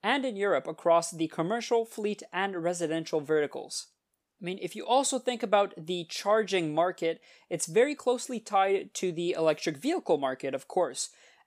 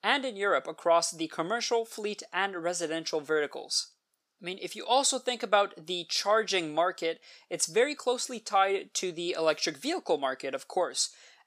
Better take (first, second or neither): first